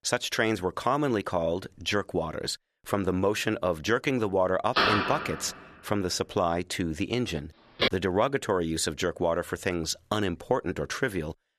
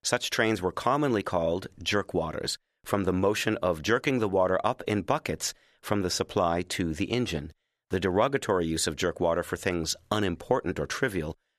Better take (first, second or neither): second